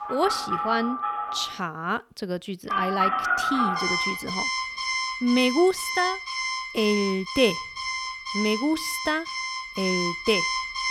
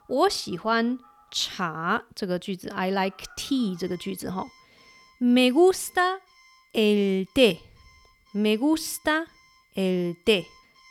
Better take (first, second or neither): second